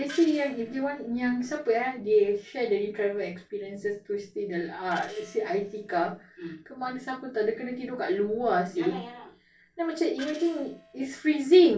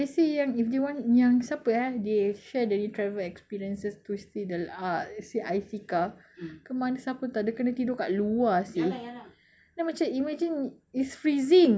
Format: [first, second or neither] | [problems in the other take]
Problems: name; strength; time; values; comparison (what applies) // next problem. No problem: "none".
second | noise reduction (neural separator model SepFormer DNS4)